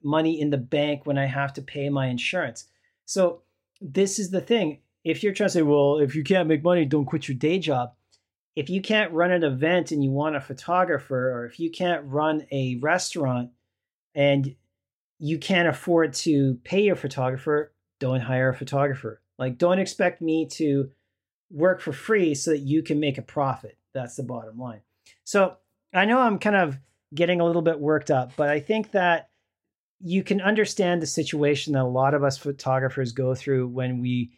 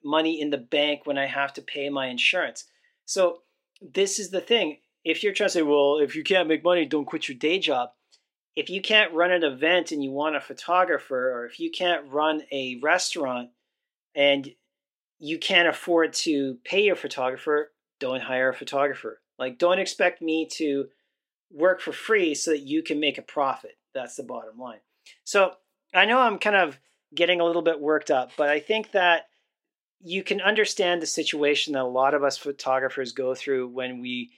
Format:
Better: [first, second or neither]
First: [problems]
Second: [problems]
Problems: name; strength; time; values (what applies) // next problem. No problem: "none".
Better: first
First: none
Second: thin; somewhat; fading below 300 Hz